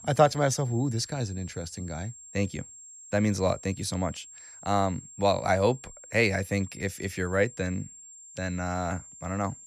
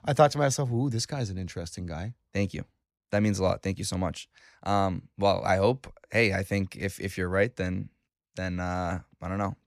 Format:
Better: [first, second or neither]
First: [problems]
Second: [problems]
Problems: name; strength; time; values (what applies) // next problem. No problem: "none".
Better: second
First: high-pitched whine; noticeable; throughout; 7.5 kHz, 15 dB below the speech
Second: none